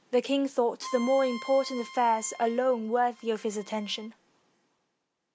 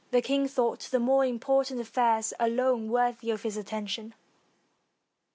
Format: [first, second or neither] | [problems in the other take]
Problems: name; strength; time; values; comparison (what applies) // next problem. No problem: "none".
second | background sound (Bowed string instrument); 16 dB below the speech